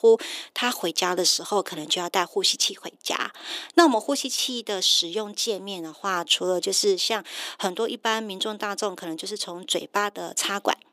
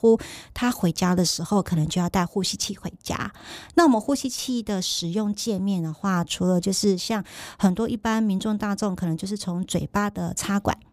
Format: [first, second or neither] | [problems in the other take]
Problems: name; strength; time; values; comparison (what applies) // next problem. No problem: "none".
second | thin; somewhat; fading below 350 Hz